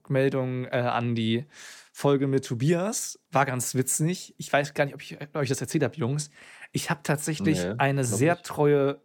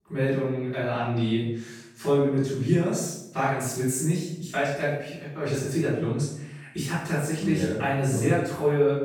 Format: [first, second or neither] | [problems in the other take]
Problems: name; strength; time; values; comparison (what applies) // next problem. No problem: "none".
first | room echo; noticeable; dies away in 0.7 s // off-mic speech; far